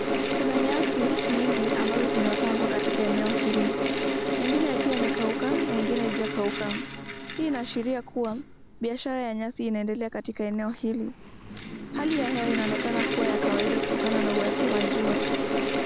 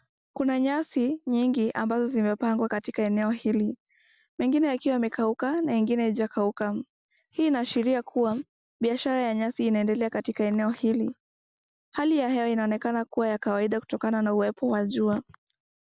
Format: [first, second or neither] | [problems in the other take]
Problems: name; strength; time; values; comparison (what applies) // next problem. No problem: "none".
second | background sound (Mechanical fan); 2 dB above the speech